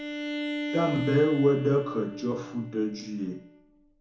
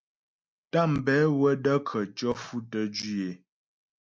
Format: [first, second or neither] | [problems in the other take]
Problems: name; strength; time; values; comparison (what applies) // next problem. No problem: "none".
second | background sound (Bowed string instrument); 7 dB below the speech // room echo; dies away in 0.6 s